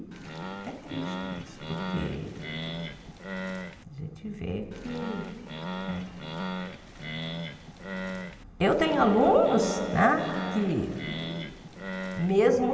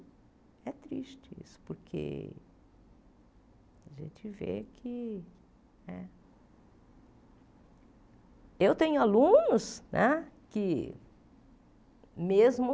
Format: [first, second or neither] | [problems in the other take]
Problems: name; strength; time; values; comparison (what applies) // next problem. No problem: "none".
second | background sound (Animal); 8 dB below the speech // room echo; dies away in 2.9 s